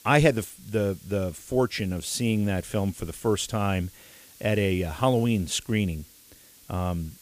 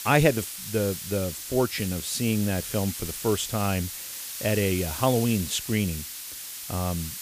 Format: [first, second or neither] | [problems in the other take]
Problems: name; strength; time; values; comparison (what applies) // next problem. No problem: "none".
first | hiss; loud; throughout; 7 dB below the speech; faint in the first